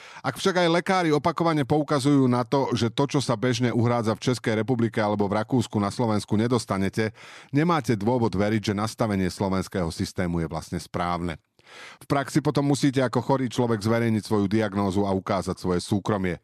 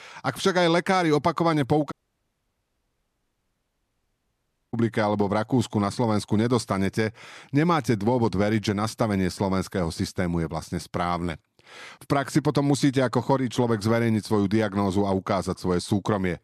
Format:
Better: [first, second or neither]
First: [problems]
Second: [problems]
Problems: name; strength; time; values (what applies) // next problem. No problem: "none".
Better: first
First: none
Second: audio cutting out; at 2 s for 3 s